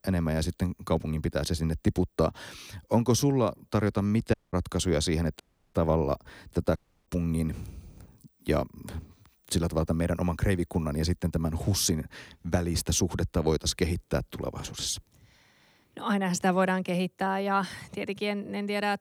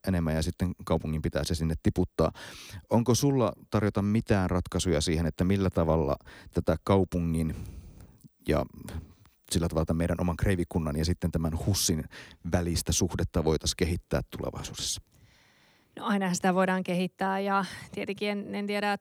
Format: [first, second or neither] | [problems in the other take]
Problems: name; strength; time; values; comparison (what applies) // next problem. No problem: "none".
second | audio cutting out; at 4.5 s, at 5.5 s and at 7 s